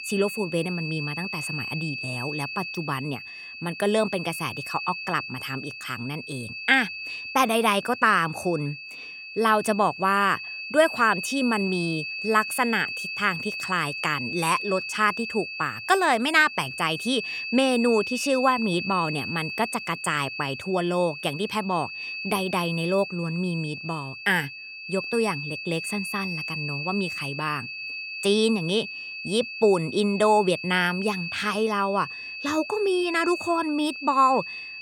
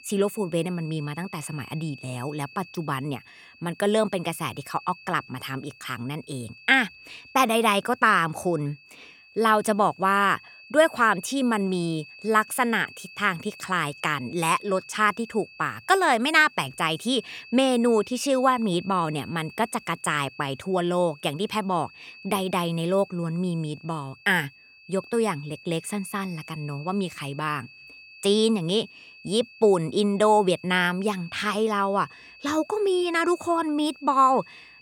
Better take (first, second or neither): second